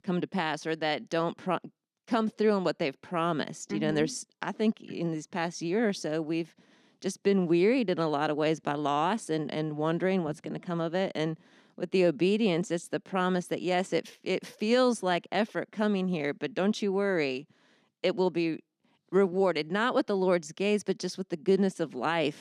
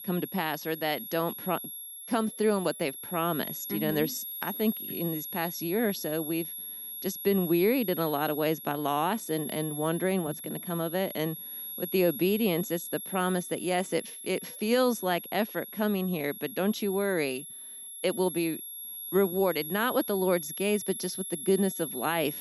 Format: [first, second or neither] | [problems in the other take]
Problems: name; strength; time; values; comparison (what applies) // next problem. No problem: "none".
first | high-pitched whine; loud; throughout; 11.5 kHz, 7 dB below the speech